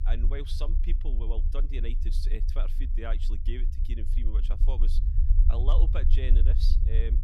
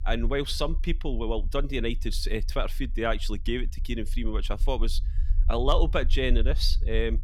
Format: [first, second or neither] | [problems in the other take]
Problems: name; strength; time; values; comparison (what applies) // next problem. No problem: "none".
second | low rumble; loud; throughout; 7 dB below the speech; faint in the second